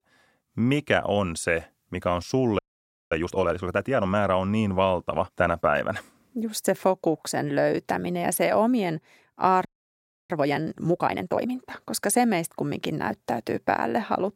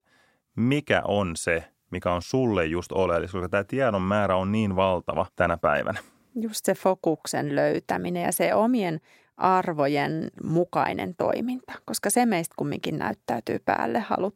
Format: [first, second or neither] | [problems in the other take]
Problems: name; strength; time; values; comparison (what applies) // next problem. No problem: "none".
second | audio freezing; at 2.5 s for 0.5 s and at 9.5 s for 0.5 s